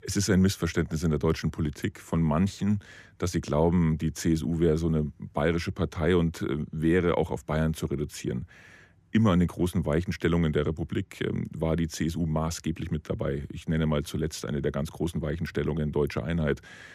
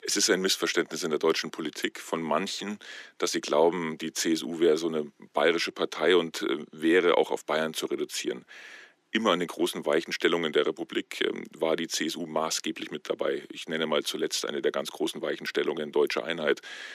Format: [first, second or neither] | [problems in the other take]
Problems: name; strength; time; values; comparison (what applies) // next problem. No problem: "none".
first | thin; somewhat; fading below 300 Hz